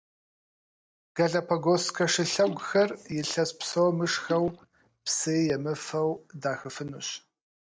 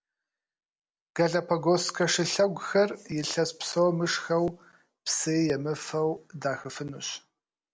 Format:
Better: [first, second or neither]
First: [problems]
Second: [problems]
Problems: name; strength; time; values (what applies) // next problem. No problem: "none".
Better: second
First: noise reduction (neural mask model DeepFilterNet 3)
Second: none